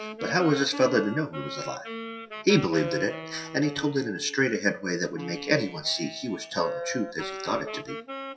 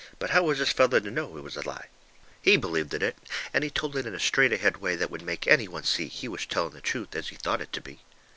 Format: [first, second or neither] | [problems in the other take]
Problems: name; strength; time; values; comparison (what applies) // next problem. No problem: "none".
second | noise reduction (classical method WPE with log-MMSE)